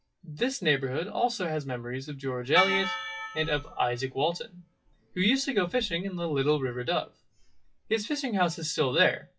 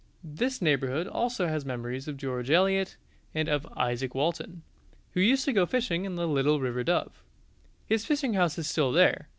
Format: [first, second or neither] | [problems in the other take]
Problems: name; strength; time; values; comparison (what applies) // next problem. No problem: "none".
second | noise reduction (classical method WPE with log-MMSE)